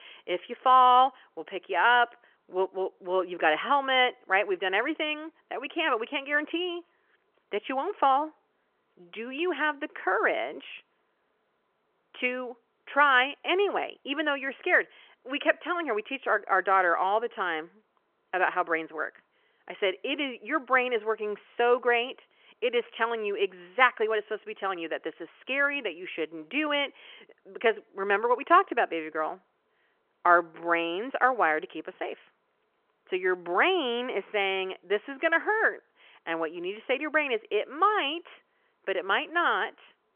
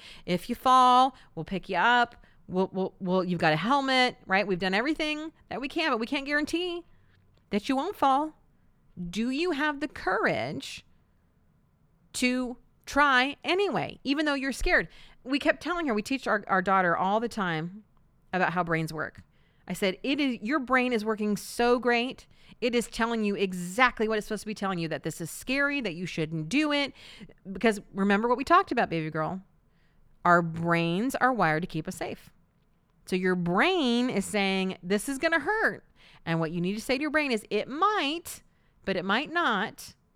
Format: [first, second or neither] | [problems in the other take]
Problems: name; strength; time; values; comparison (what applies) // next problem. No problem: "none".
second | phone-call audio; nothing above 3.5 kHz